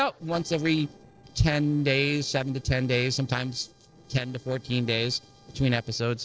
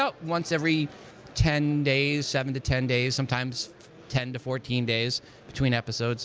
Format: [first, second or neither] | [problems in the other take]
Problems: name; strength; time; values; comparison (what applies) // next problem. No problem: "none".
second | noise reduction (neural separator model SepFormer DNS4)